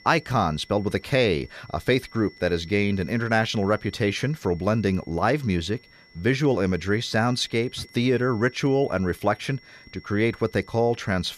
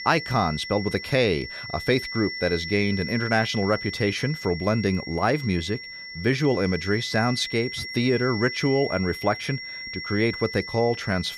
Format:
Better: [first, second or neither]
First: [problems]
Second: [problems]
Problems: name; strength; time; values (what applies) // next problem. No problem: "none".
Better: first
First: high-pitched whine; faint; throughout; 2 kHz, 25 dB below the speech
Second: high-pitched whine; loud; throughout; 2 kHz, 8 dB below the speech